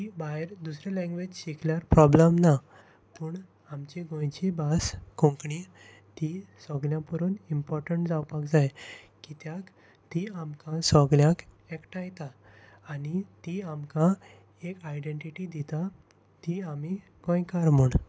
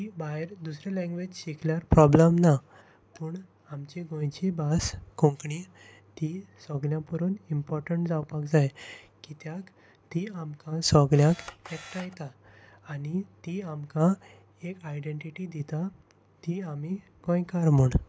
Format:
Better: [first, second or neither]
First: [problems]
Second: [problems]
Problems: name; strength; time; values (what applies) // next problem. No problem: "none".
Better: first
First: none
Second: background sound (Camera); 18 dB below the speech